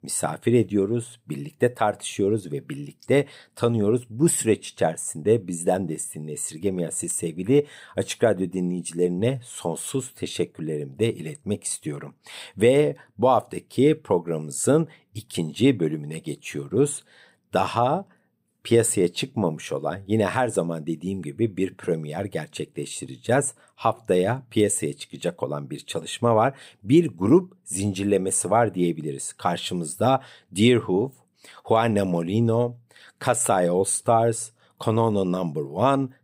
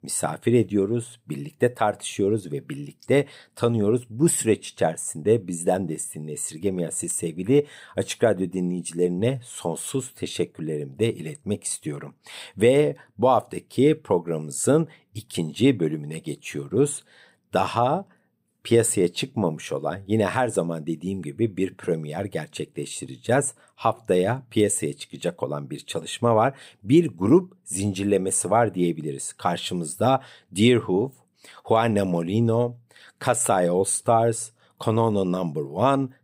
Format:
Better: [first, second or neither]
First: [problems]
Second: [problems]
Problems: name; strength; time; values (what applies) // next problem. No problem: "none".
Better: neither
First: none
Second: none